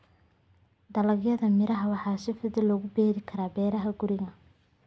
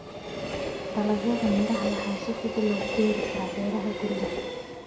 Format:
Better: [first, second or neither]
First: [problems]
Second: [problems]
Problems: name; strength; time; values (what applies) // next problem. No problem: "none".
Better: first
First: none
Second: background sound (Train); 3 dB below the speech // room echo; dies away in 0.6 s